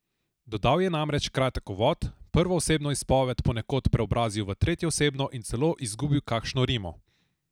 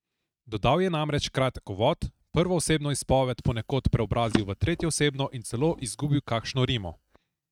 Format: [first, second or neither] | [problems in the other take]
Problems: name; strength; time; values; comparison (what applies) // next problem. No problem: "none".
first | noise reduction (neural mask model RNNoise)